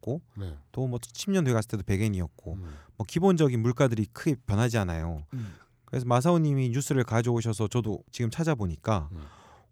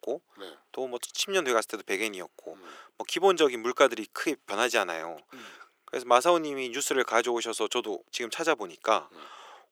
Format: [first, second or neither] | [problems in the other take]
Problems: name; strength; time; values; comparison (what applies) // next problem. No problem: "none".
first | thin; very; fading below 400 Hz